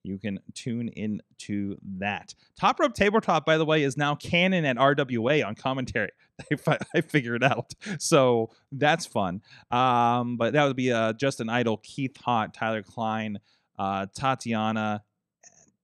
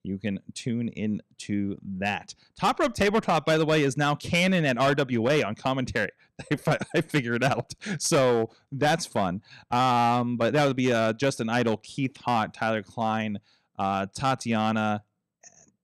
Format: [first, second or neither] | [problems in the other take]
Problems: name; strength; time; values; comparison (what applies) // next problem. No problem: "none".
first | distortion; slight; 6% of the sound clipped